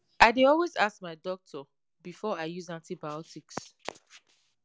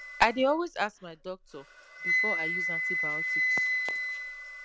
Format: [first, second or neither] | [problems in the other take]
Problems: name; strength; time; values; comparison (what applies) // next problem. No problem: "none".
first | background sound (Wind instrument, woodwind instrument); 1 dB above the speech